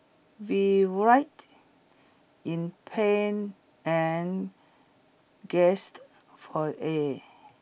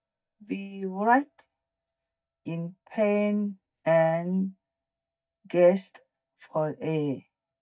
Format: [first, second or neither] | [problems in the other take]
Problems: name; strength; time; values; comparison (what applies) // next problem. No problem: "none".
first | noise reduction (neural mask model DeepFilterNet 3)